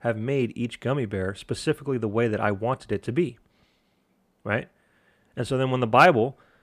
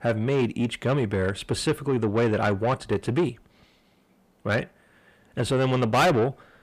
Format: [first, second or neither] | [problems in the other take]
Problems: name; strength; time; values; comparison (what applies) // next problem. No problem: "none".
first | distortion; heavy; 7 dB below the speech